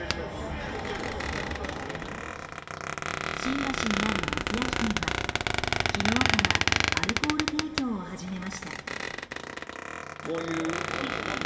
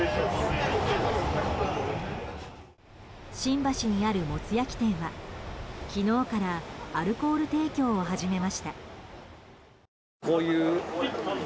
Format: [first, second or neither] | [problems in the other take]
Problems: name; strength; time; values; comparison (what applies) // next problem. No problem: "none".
second | background sound (Squeak); 3 dB above the speech // room echo; dies away in 1.7 s